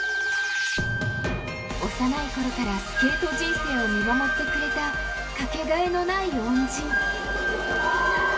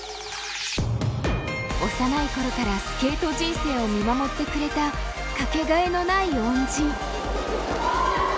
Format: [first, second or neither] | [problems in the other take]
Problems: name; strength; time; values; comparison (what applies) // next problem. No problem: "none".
second | background sound (Wind instrument, woodwind instrument); 2 dB below the speech // room echo; dies away in 0.7 s